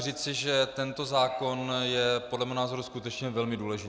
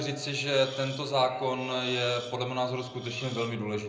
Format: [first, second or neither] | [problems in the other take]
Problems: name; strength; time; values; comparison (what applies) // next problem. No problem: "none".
first | background sound (Hiss); 17 dB below the speech // room echo; dies away in 0.5 s